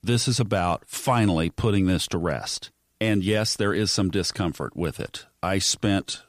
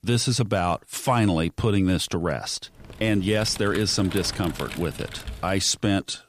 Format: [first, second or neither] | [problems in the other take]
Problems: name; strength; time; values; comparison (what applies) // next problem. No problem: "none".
first | keyboard typing; faint; from 3 to 5.5 s; peak 10 dB below the speech